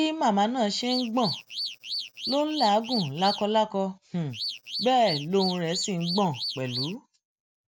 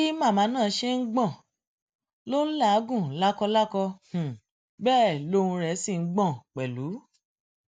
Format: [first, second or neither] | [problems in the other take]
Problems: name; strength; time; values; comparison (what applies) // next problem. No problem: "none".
second | background sound (Alarm / Car); 7 dB below the speech